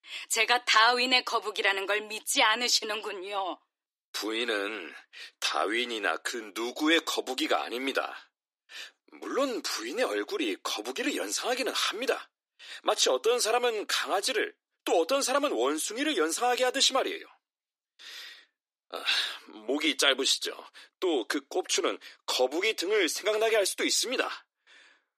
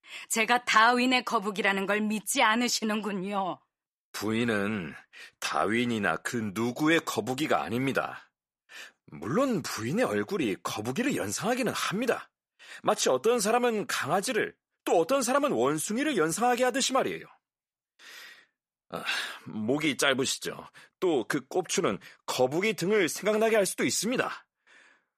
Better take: second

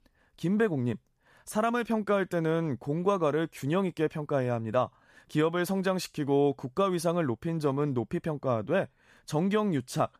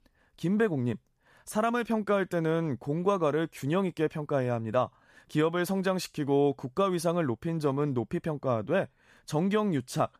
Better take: neither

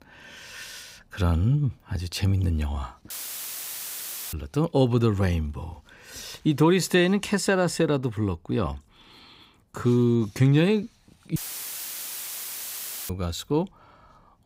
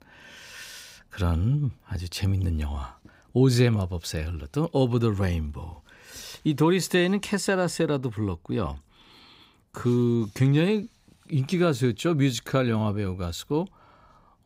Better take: second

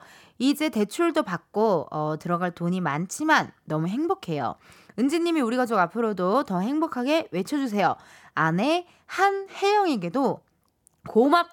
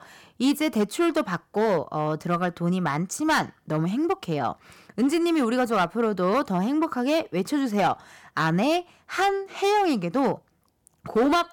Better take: first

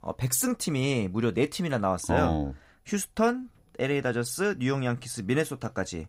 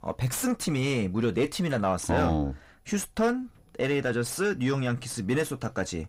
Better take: first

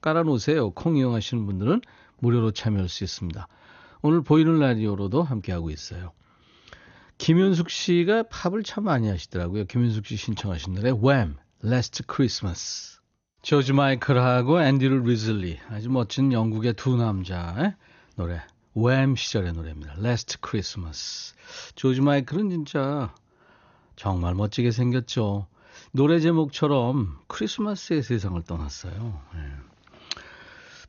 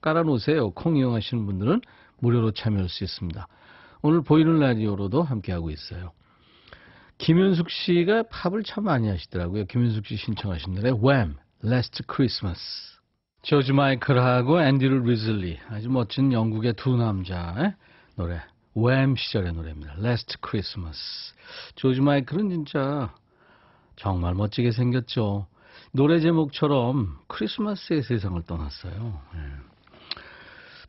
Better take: first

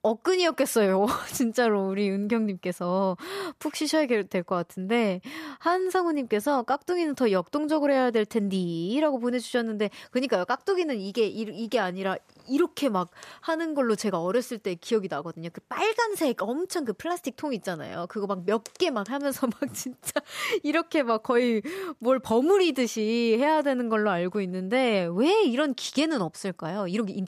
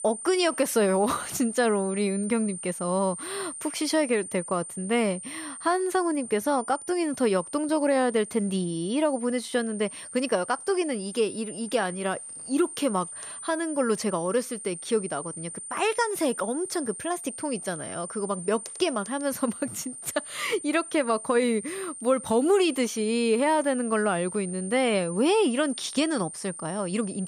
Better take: first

